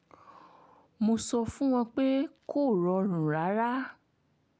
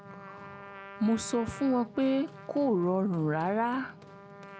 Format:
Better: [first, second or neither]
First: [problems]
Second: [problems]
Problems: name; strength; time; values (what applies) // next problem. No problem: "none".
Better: first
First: none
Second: background sound (Run + Trumpet); 16 dB below the speech